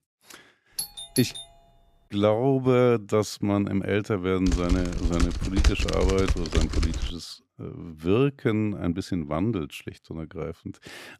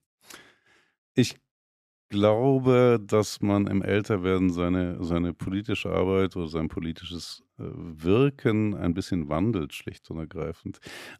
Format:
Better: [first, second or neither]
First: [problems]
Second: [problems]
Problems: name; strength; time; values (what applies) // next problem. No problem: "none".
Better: second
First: doorbell; noticeable; at 1 s; peak 5 dB below the speech // keyboard typing; loud; from 4.5 to 7 s; peak 1 dB above the speech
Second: none